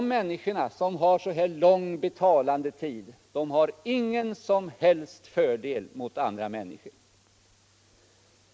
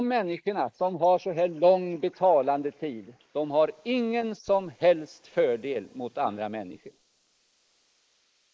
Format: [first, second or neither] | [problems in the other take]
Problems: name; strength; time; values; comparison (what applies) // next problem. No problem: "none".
first | noise reduction (neural mask model Resemble Enhance denoiser)